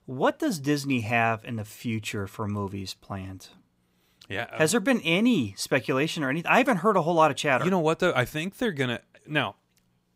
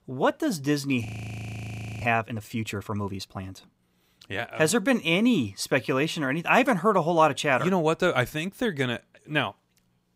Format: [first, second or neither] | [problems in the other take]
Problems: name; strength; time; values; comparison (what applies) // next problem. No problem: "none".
first | audio freezing; at 1 s for 1 s